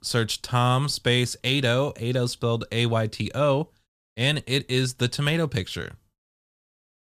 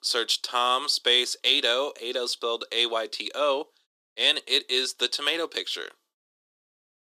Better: first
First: none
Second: thin; very; fading below 300 Hz

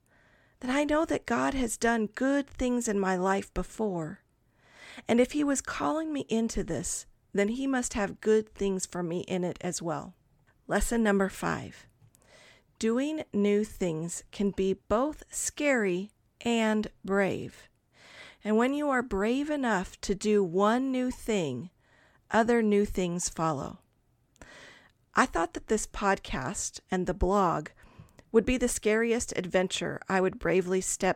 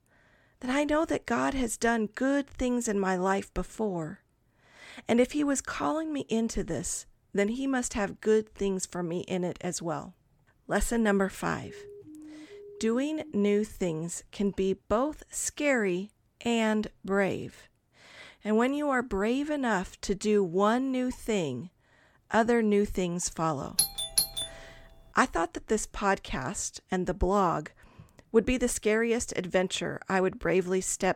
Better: first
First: none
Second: siren; faint; from 12 to 13 s; peak 20 dB below the speech // doorbell; loud; at 24 s; peak 2 dB above the speech

